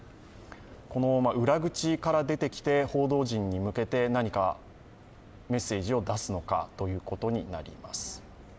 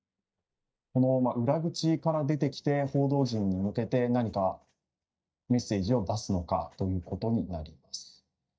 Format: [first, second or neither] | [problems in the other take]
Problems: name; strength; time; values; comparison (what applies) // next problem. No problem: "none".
first | noise reduction (neural mask model DeepFilterNet 3)